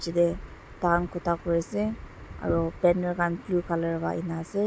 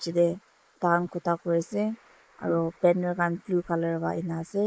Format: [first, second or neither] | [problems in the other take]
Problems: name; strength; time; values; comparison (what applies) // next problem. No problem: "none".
first | noise reduction (neural mask model Resemble Enhance denoiser)